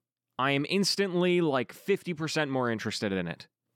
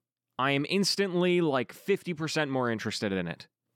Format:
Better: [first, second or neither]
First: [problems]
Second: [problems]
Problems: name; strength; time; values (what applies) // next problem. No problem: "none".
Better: neither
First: none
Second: none